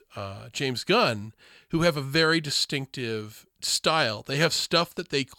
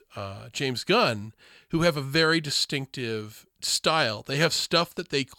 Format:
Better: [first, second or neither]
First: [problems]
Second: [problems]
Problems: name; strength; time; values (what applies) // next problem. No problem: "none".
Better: neither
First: none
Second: none